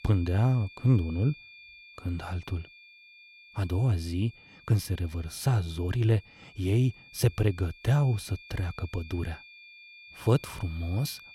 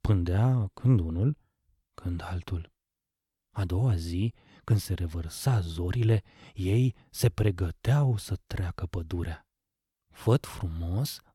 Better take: second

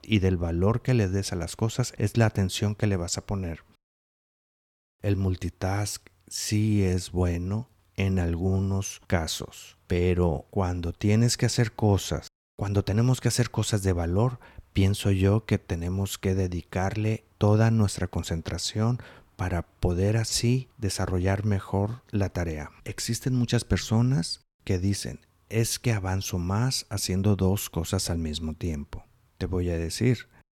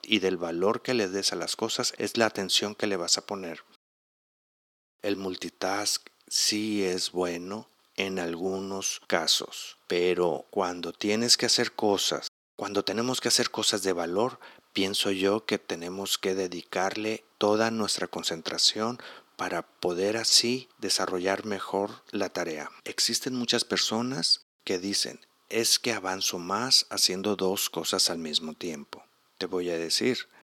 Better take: first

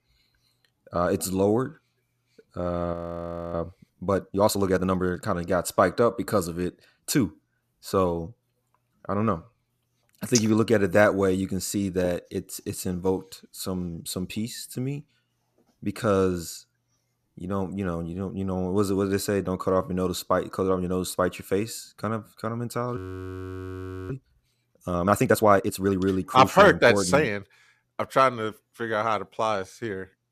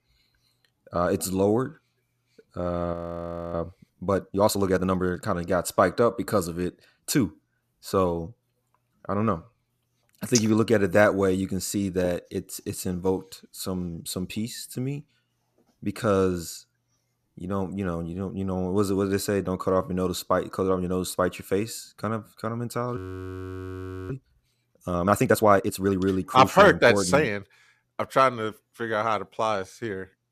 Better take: neither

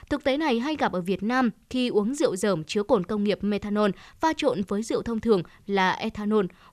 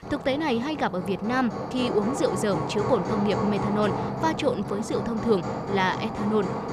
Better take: first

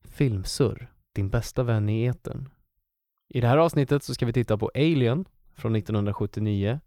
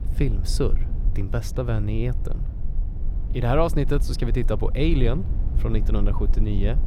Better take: first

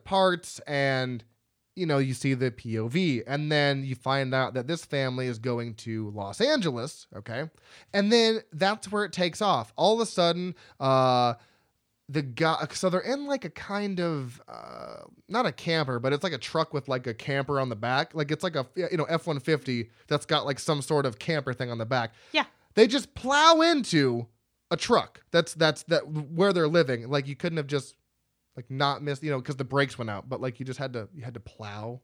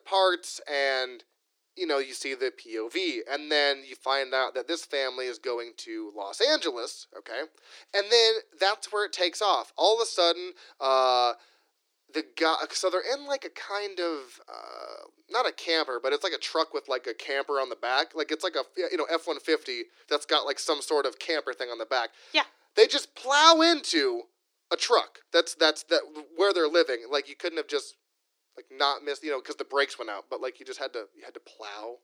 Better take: first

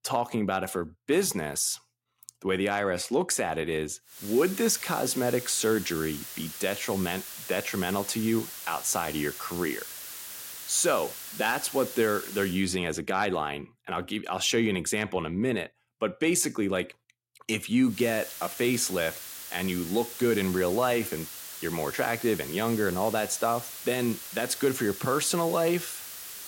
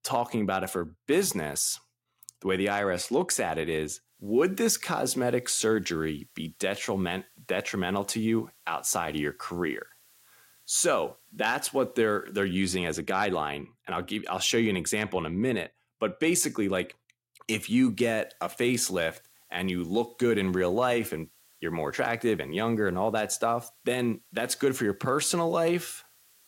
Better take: second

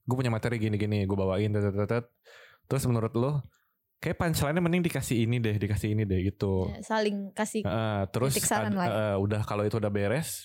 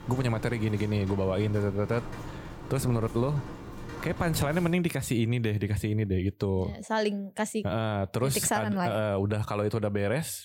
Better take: first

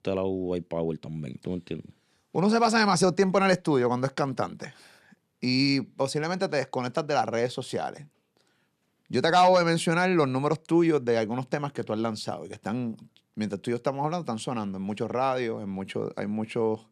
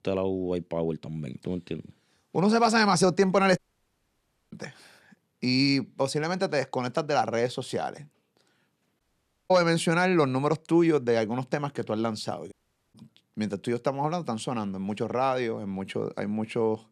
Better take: first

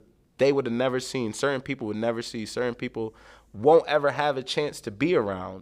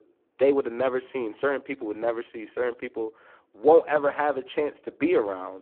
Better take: first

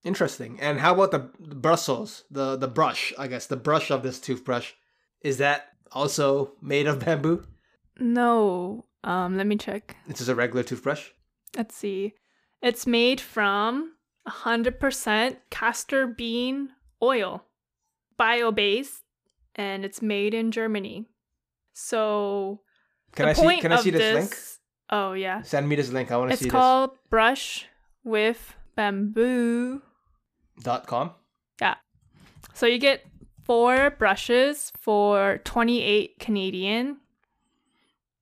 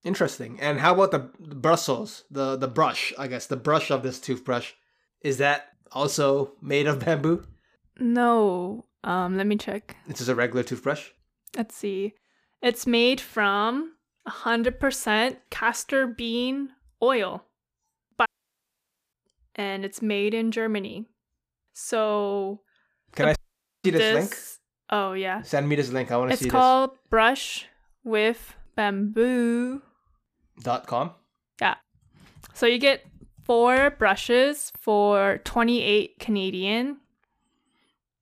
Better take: first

